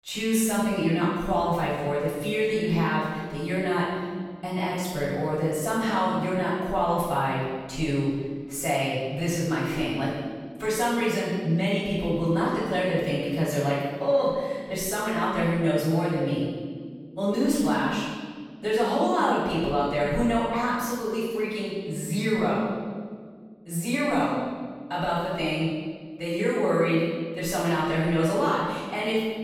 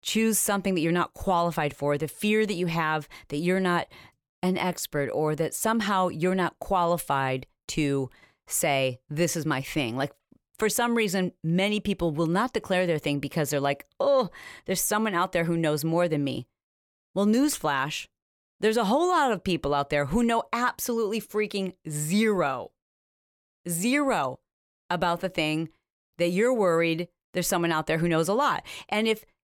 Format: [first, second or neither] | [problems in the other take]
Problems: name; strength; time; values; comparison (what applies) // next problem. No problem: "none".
second | off-mic speech; far // room echo; strong; dies away in 1.6 s